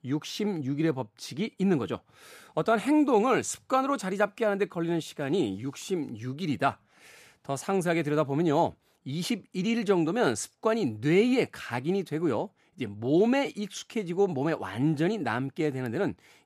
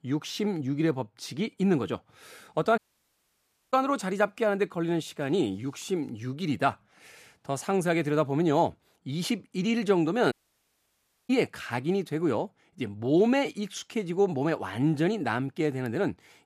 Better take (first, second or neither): first